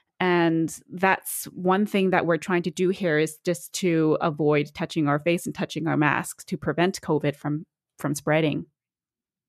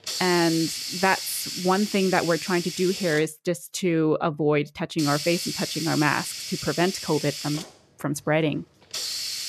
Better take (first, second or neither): first